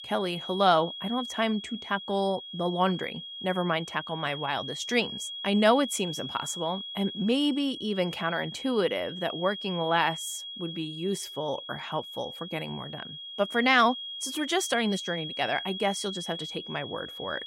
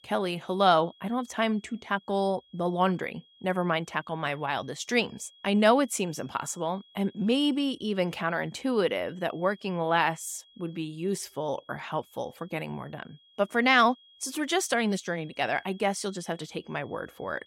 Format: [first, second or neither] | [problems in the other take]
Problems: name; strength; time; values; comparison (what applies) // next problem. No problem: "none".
second | high-pitched whine; loud; throughout; 3.5 kHz, 8 dB below the speech; faint in the second